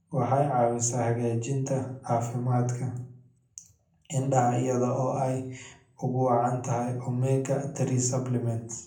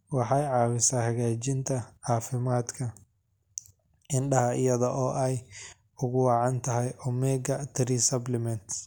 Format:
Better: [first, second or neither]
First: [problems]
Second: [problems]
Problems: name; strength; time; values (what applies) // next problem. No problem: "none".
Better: second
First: room echo; dies away in 0.6 s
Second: none